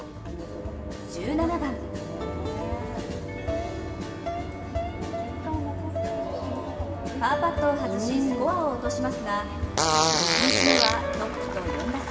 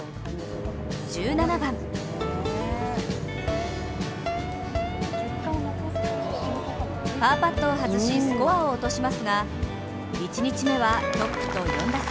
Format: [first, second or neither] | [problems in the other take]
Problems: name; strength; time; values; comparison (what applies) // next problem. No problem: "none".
second | background sound (Fart); 3 dB above the speech // room echo; dies away in 2 s